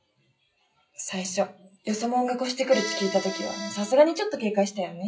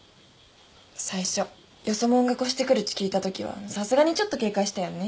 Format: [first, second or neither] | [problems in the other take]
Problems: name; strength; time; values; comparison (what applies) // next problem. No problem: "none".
second | noise reduction (classical method WPE with log-MMSE)